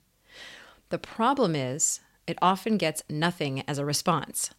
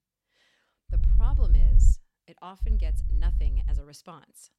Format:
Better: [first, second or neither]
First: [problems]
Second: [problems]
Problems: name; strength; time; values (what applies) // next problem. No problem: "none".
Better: first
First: none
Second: low rumble; loud; from 1 to 2 s and from 2.5 to 4 s; 2 dB below the speech